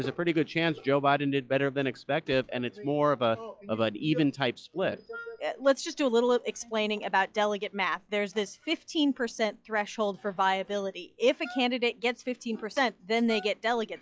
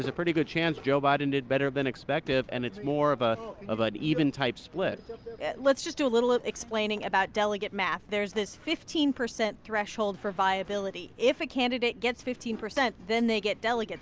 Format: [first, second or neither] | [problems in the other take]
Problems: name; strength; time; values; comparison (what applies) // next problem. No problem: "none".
second | noise reduction (classical method log-MMSE)